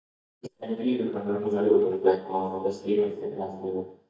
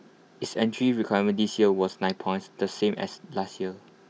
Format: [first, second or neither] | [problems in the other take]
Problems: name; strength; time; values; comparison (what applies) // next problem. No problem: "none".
second | noise reduction (neural mask model DeepFilterNet 3)